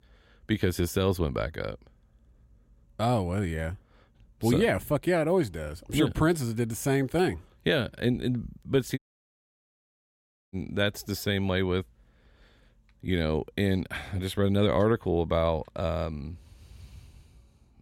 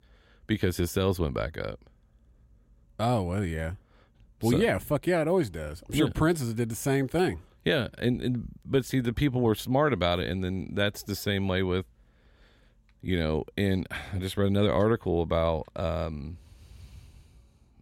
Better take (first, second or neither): second